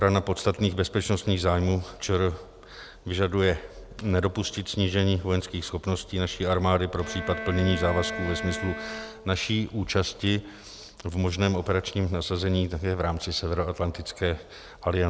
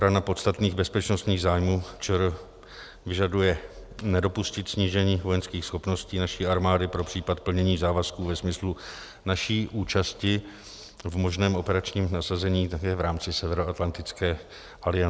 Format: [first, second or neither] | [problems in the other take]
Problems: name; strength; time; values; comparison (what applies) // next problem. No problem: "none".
second | background sound (Bowed string instrument); 10 dB below the speech